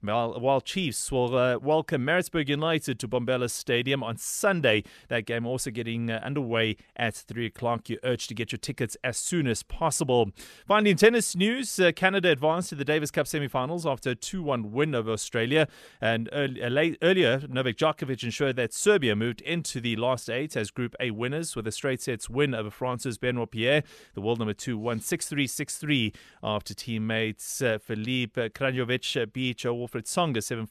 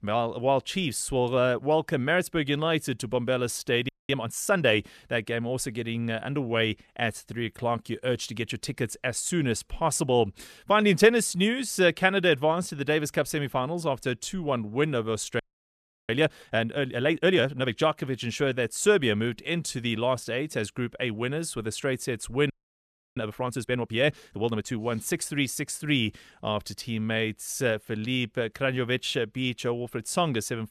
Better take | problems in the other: first | audio freezing; at 4 s, at 15 s for 0.5 s and at 23 s for 0.5 s

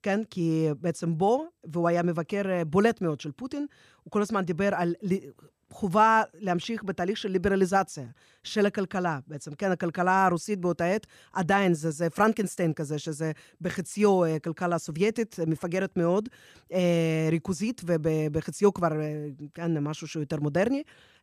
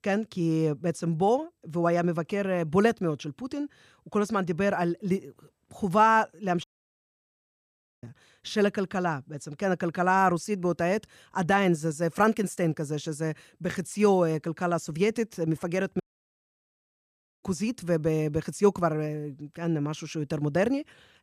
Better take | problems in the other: first | audio cutting out; at 6.5 s for 1.5 s and at 16 s for 1.5 s

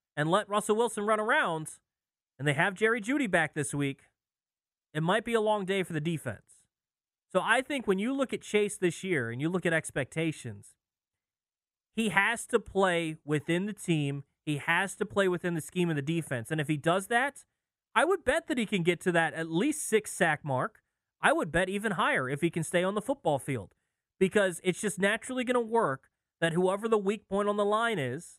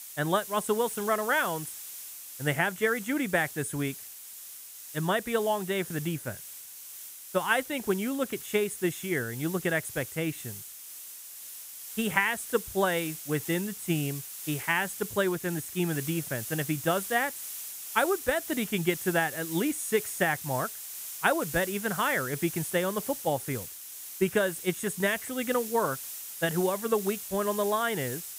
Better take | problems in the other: first | hiss; loud; throughout; 9 dB below the speech

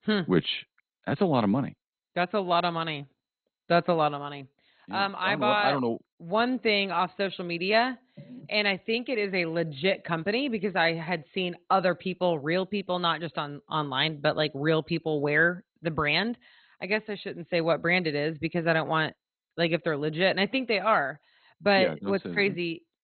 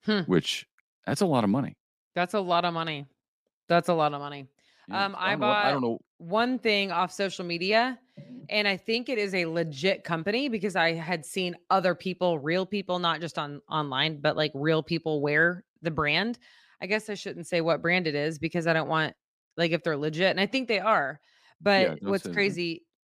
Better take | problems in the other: second | garbled, watery; badly; nothing above 4 kHz

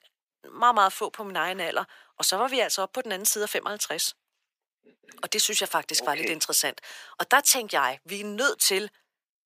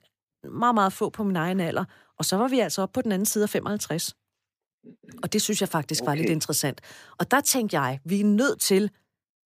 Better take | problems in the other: second | thin; very; fading below 600 Hz

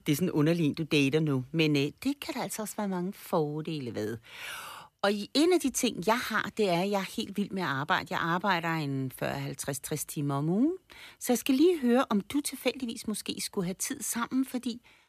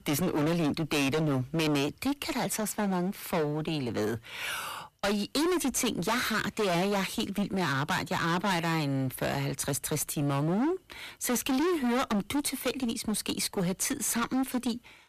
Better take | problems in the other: first | distortion; heavy; 25% of the sound clipped

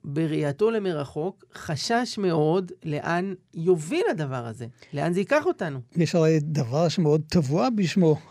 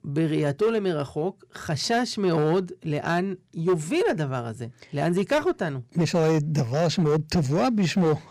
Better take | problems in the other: first | distortion; slight; 7% of the sound clipped

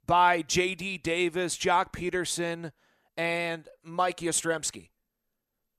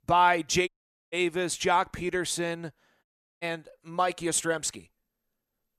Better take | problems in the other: first | audio cutting out; at 0.5 s and at 3 s

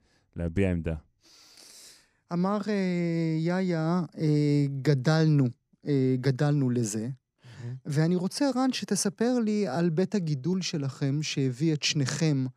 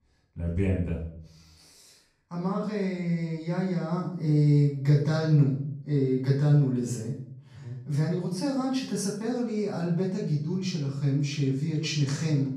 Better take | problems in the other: first | off-mic speech; far // room echo; noticeable; dies away in 0.5 s

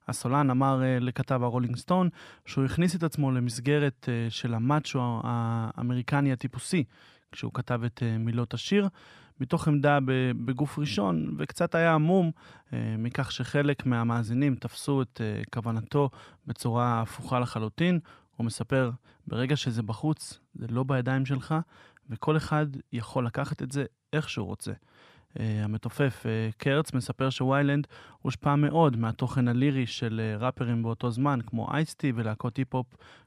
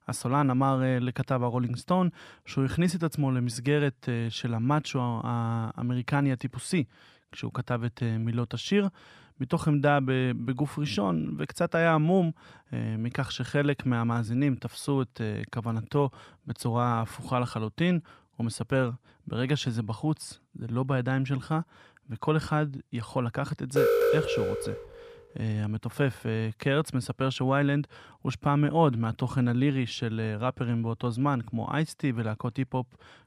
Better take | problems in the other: first | alarm; loud; from 24 to 25 s; peak 5 dB above the speech

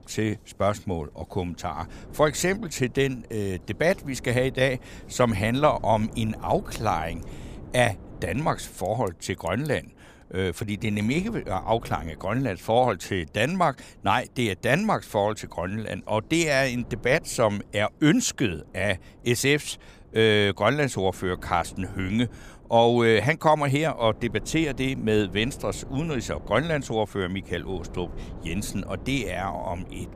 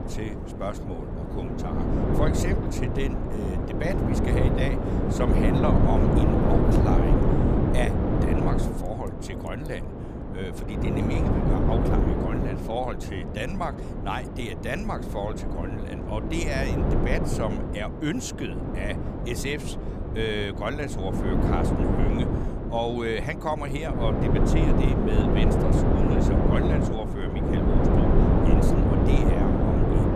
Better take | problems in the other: first | wind noise on the microphone; heavy; 3 dB above the speech; occasional gusts in the first

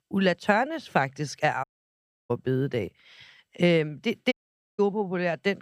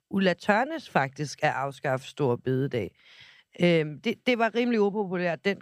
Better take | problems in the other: second | audio cutting out; at 1.5 s for 0.5 s and at 4.5 s

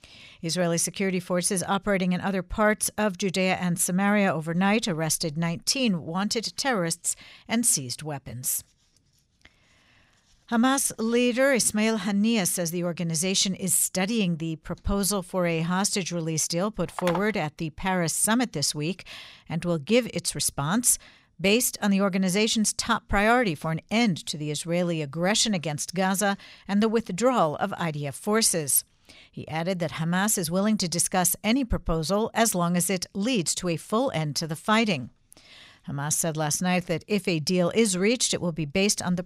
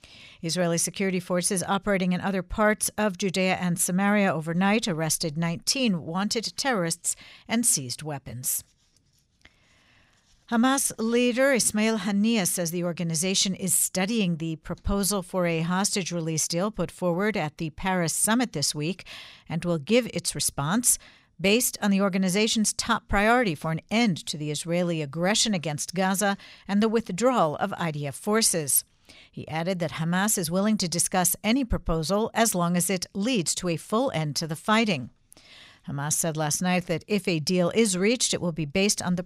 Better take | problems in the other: second | phone ringing; noticeable; at 17 s; peak 8 dB below the speech

